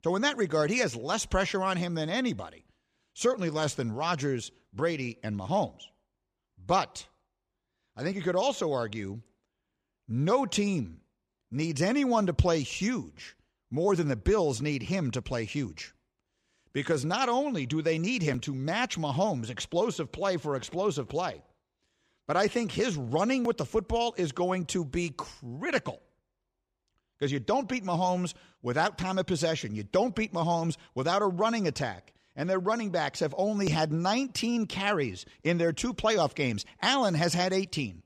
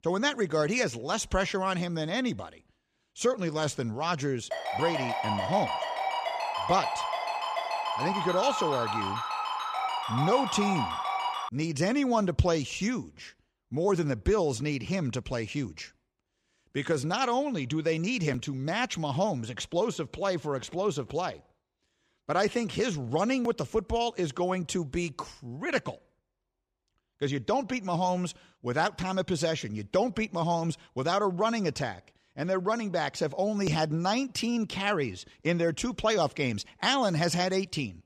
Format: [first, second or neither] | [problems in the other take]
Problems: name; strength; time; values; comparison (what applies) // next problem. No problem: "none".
first | phone ringing; noticeable; from 4.5 to 11 s; peak 1 dB below the speech